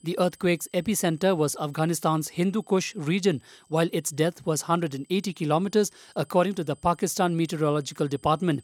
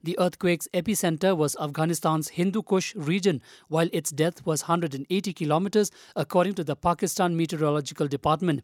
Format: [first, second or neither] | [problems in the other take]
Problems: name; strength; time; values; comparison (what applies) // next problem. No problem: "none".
second | high-pitched whine; faint; throughout; 8 kHz, 30 dB below the speech